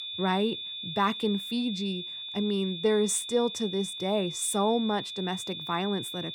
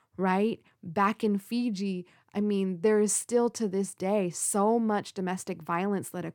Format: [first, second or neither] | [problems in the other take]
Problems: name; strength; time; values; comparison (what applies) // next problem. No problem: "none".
second | high-pitched whine; loud; throughout; 3.5 kHz, 6 dB below the speech